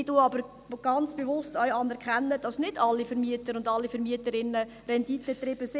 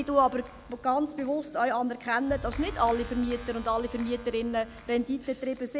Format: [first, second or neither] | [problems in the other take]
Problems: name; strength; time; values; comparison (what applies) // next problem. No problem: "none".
first | background sound (Clapping); 15 dB below the speech